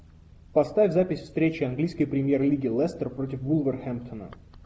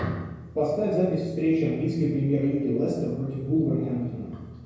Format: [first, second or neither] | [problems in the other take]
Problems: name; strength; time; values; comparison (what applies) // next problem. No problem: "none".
first | room echo; dies away in 1 s